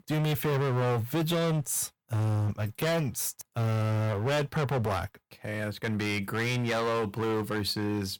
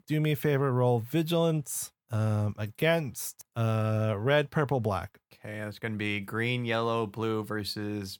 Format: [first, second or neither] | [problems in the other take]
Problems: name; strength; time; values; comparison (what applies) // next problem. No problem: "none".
second | distortion; heavy; 24% of the sound clipped